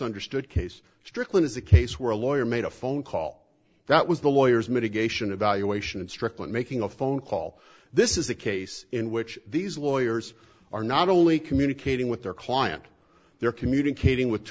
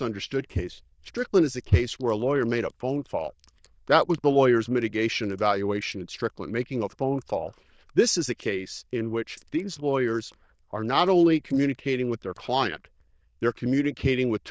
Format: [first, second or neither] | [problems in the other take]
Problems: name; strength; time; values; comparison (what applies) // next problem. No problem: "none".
first | noise reduction (neural diffusion model UNIVERSE++)